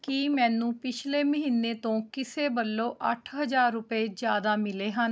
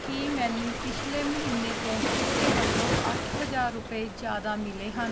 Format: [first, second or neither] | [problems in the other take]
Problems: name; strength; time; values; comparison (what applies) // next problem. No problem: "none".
first | background sound (Waves, surf); 2 dB above the speech